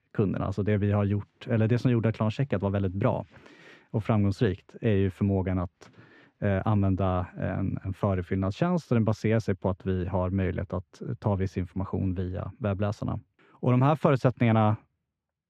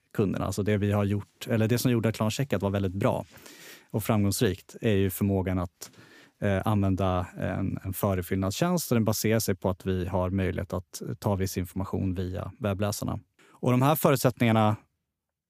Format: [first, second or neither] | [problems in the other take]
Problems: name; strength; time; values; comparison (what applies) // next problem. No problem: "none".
second | muffled; slightly; fading above 2.5 kHz